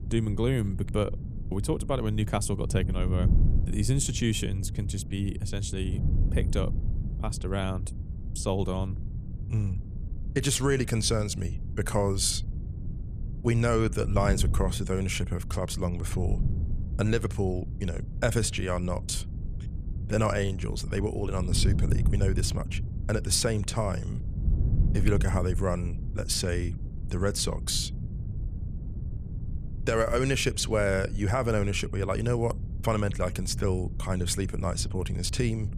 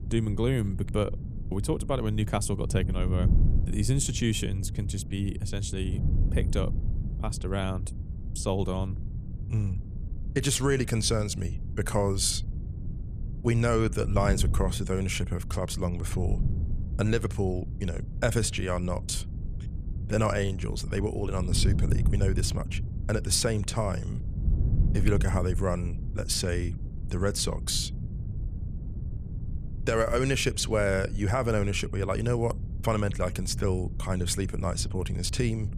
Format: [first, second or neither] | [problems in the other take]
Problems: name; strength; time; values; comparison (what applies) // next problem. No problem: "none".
neither | wind noise on the microphone; occasional gusts; 15 dB below the speech; the same in both